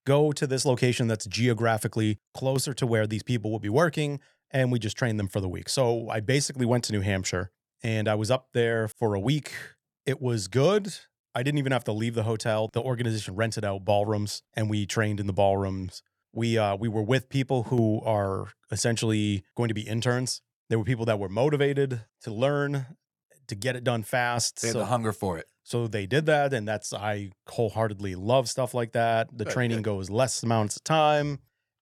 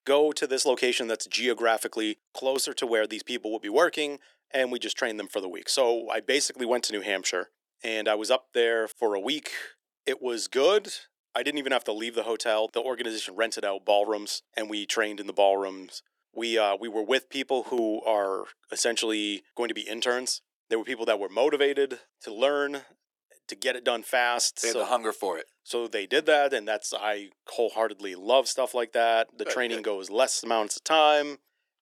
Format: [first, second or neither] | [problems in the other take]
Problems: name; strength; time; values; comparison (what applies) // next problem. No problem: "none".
first | thin; very; fading below 300 Hz